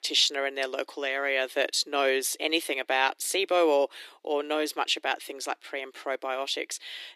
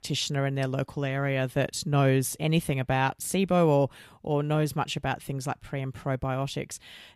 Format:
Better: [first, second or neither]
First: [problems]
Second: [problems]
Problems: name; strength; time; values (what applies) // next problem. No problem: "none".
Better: second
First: thin; very; fading below 300 Hz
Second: none